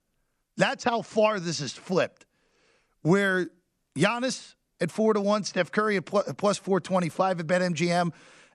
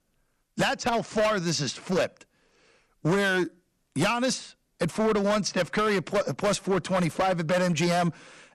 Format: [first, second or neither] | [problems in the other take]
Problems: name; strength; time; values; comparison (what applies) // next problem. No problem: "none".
first | distortion; heavy; 11% of the sound clipped